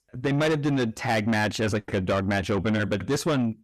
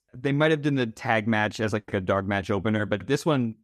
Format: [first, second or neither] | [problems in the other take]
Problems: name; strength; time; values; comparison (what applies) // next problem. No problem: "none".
second | distortion; heavy; 8 dB below the speech